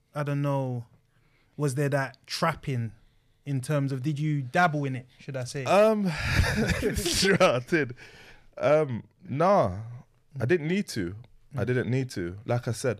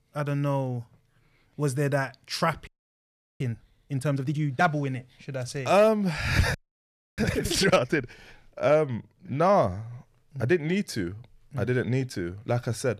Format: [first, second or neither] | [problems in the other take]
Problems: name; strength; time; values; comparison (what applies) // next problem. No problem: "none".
first | audio freezing; at 2.5 s for 0.5 s and at 6.5 s for 0.5 s